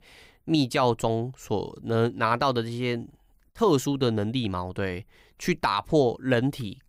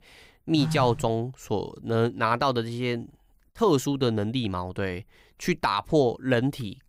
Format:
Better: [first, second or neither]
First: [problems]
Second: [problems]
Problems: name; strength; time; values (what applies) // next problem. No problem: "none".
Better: first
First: none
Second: phone ringing; noticeable; at 0.5 s; peak 4 dB below the speech